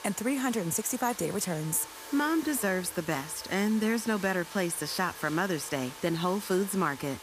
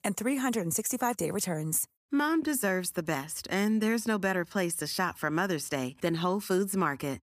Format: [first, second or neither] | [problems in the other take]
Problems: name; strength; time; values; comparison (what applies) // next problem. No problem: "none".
second | household noises; noticeable; throughout; 15 dB below the speech